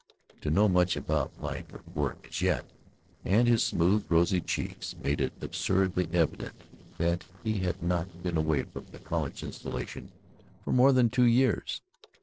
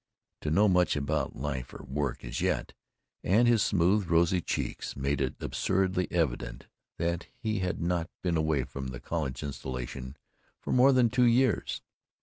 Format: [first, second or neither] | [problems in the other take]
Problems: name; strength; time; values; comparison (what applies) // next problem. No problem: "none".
second | noise reduction (neural separator model SepFormer DNS4)